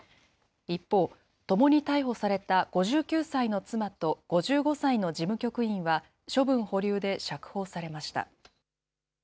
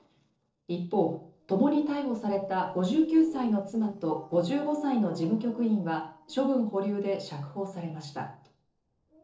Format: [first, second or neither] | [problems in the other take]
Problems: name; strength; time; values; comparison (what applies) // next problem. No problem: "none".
first | noise reduction (neural separator model SepFormer DNS4)